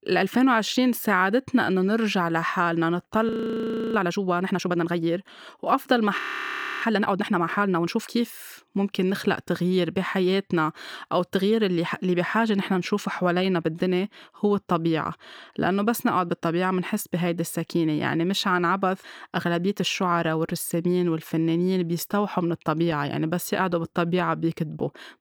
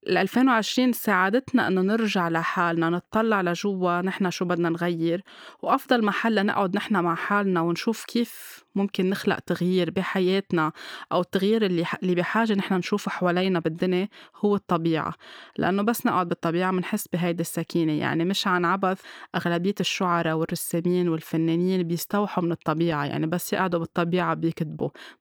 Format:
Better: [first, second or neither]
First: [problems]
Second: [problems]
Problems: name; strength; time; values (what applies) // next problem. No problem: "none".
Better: second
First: audio freezing; at 3.5 s for 0.5 s and at 6 s for 0.5 s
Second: none